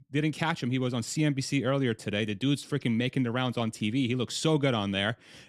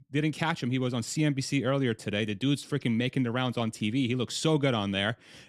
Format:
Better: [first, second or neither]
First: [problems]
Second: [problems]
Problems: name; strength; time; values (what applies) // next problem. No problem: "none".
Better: neither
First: none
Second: none